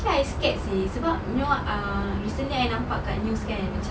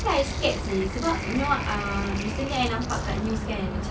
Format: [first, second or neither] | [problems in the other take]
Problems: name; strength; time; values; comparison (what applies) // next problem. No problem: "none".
first | background sound (Sink (filling or washing)); 13 dB below the speech